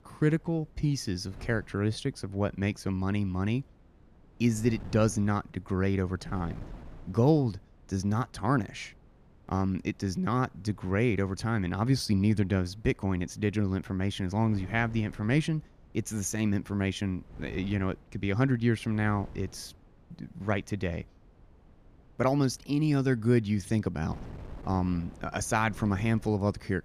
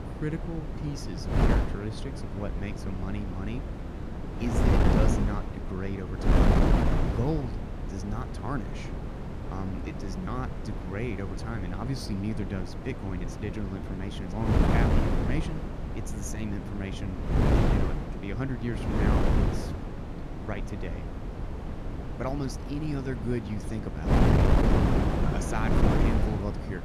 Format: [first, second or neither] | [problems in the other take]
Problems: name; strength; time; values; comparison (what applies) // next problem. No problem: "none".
first | wind noise on the microphone; heavy; 4 dB above the speech; occasional gusts in the first